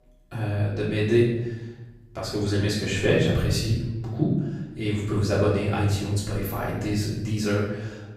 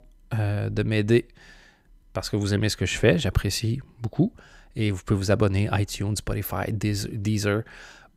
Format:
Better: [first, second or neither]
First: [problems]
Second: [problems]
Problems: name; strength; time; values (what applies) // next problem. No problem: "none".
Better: second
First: off-mic speech; far // room echo; noticeable; dies away in 0.9 s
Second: none